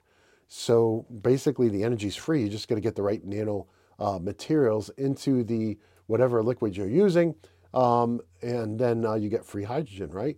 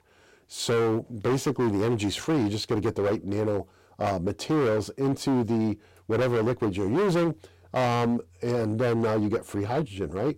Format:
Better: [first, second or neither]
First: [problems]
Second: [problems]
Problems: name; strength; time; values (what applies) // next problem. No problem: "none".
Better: first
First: none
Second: distortion; heavy; 17% of the sound clipped